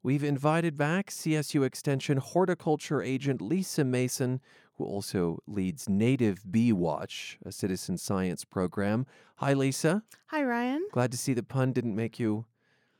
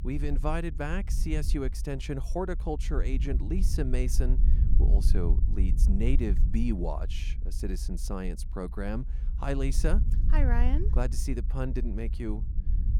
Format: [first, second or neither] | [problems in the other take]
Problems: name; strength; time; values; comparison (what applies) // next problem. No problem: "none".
first | low rumble; noticeable; throughout; 10 dB below the speech